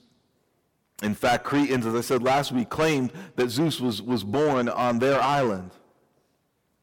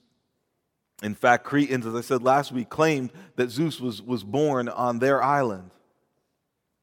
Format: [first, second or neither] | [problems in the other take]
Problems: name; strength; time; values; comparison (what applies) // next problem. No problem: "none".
second | distortion; heavy; 7 dB below the speech